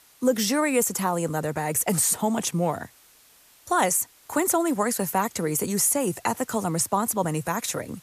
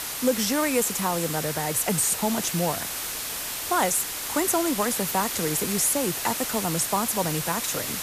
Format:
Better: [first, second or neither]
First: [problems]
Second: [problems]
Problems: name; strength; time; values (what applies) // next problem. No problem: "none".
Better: first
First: hiss; faint; throughout; 30 dB below the speech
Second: hiss; loud; throughout; 3 dB below the speech